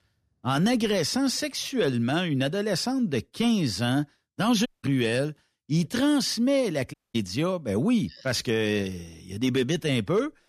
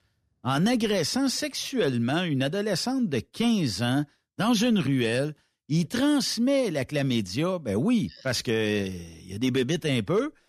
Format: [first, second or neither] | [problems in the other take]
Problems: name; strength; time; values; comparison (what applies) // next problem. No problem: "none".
second | audio cutting out; at 4.5 s and at 7 s